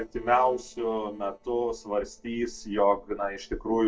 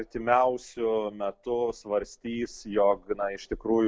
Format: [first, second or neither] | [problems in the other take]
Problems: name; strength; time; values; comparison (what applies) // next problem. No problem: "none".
second | noise reduction (neural separator model SepFormer DNS4)